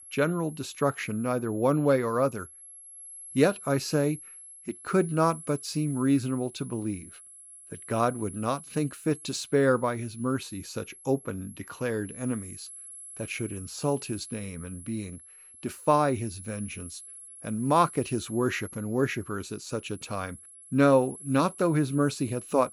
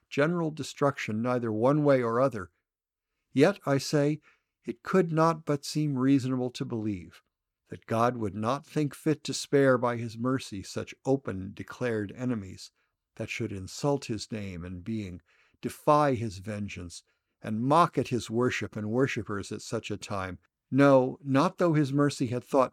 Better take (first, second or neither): second